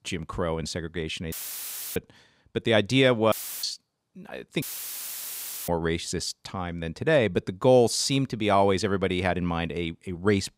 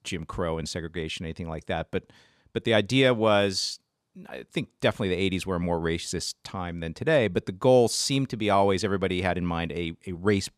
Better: second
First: audio cutting out; filled with static; at 1.5 s for 0.5 s, at 3.5 s and at 4.5 s for 1 s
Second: none

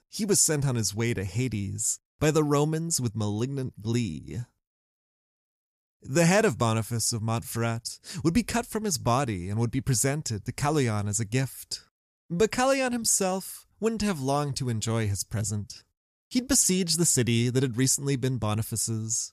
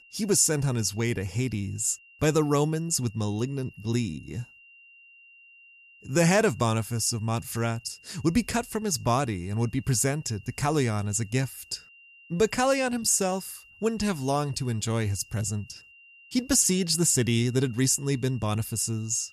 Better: first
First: none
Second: high-pitched whine; faint; throughout; 3 kHz, 25 dB below the speech

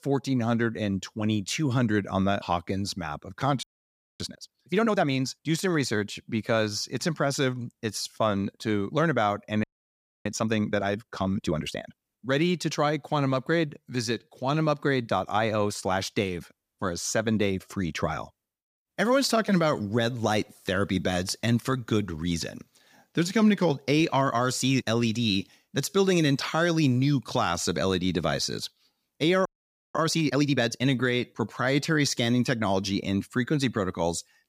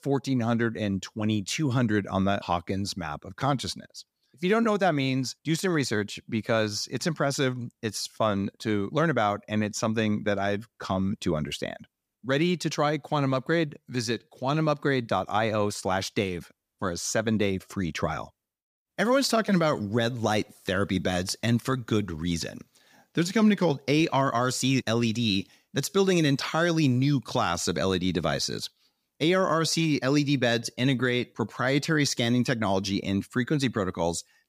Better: second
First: audio freezing; at 3.5 s for 0.5 s, at 9.5 s for 0.5 s and at 29 s for 0.5 s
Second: none

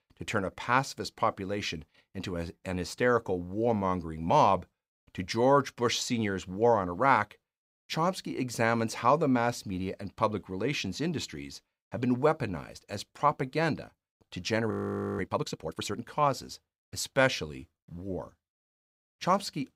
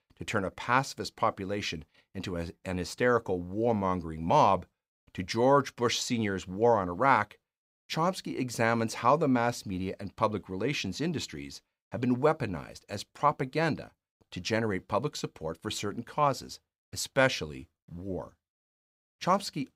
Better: second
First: audio freezing; at 15 s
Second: none

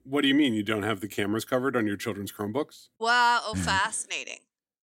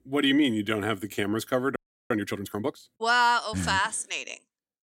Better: first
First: none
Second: audio freezing; at 2 s

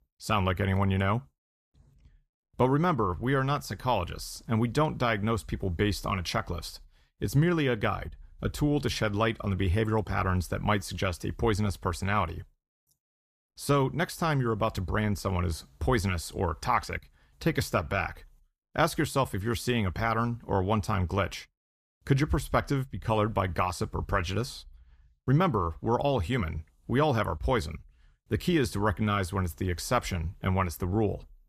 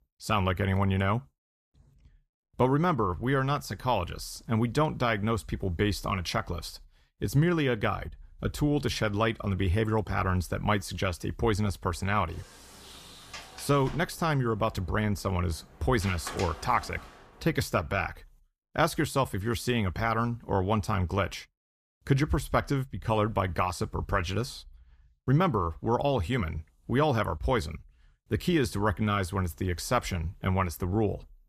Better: first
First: none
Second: door banging; noticeable; from 12 to 17 s; peak 9 dB below the speech

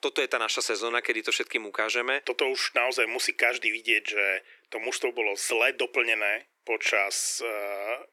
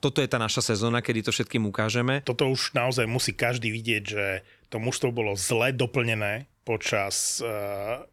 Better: second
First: thin; very; fading below 350 Hz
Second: none

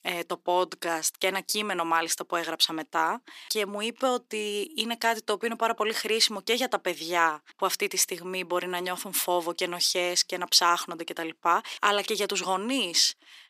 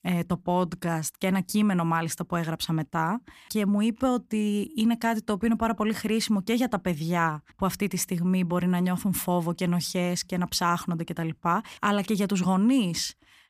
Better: second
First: thin; very; fading below 350 Hz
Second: none

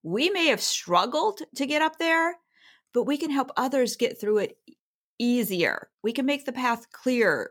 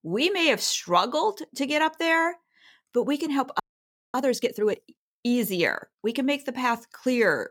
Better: first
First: none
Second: audio freezing; at 3.5 s for 0.5 s

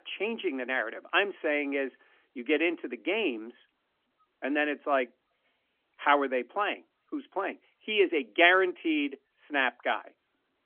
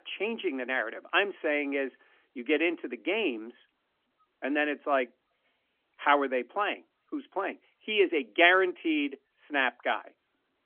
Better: neither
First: phone-call audio; nothing above 3.5 kHz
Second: phone-call audio; nothing above 3.5 kHz

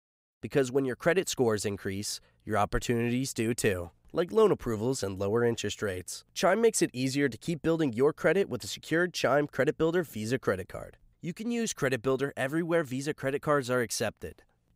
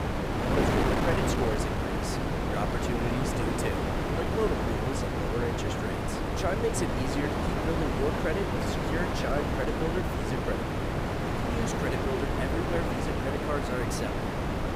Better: first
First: none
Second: wind noise on the microphone; heavy; 4 dB above the speech

